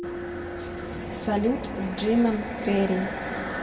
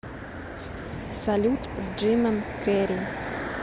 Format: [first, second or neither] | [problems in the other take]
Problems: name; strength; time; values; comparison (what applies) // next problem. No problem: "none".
second | background sound (Keyboard (musical)); 14 dB below the speech // room echo; dies away in 1.8 s